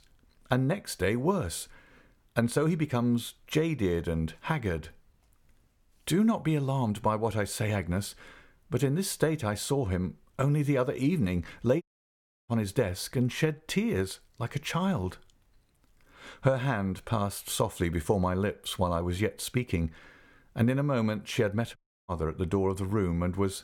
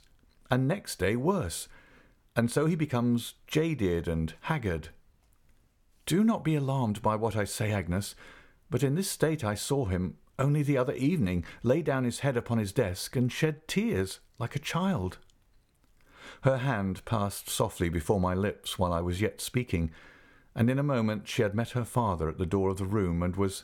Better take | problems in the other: second | audio cutting out; at 12 s for 0.5 s and at 22 s

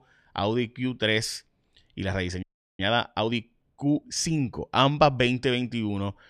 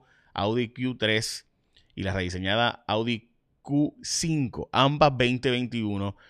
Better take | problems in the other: second | audio freezing; at 2.5 s

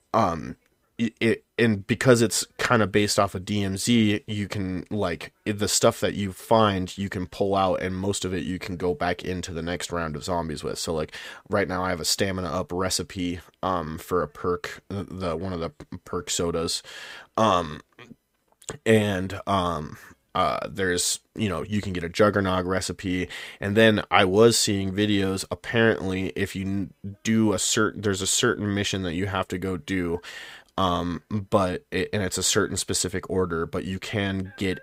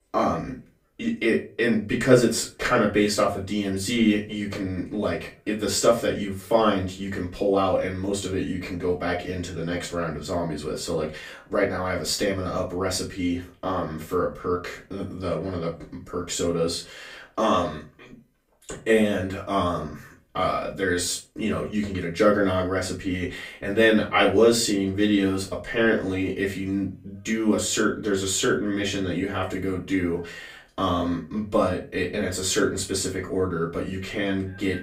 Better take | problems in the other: first | off-mic speech; far // room echo; slight; dies away in 0.3 s

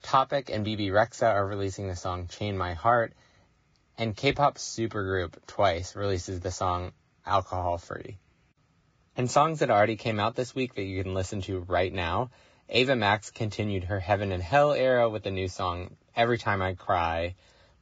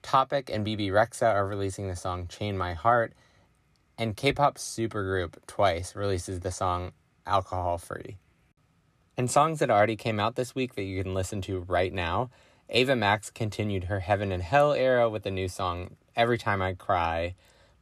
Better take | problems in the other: second | garbled, watery; badly; nothing above 7.5 kHz

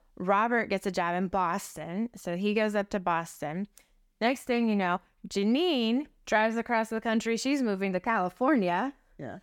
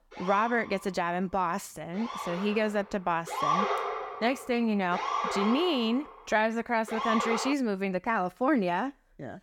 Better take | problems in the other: first | siren; loud; until 7.5 s; peak 2 dB above the speech

